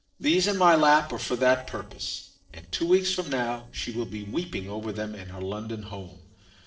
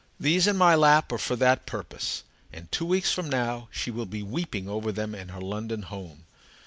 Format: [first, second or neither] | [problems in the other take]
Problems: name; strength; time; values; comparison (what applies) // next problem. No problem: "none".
second | noise reduction (neural separator model SepFormer DNS4)